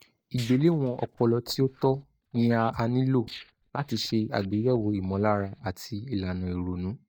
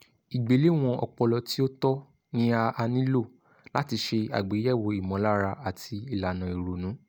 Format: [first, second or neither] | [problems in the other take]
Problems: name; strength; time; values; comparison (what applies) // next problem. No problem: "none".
second | noise reduction (neural mask model DeepFilterNet 3)